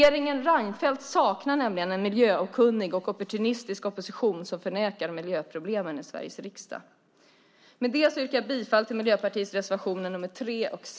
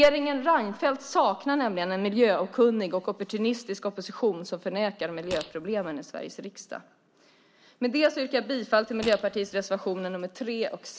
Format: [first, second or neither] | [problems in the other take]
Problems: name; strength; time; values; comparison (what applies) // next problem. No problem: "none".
first | background sound (Fart); 17 dB below the speech